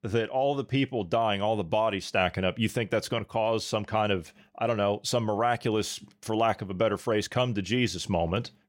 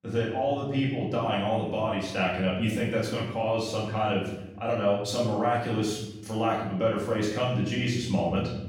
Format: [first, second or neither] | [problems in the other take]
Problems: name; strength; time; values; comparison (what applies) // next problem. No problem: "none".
first | off-mic speech; far // room echo; noticeable; dies away in 0.9 s